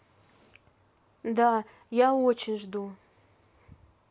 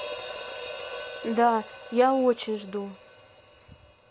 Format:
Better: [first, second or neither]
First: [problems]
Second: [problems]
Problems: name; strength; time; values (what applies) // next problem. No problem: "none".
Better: first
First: none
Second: background sound (Hi-hat); 12 dB below the speech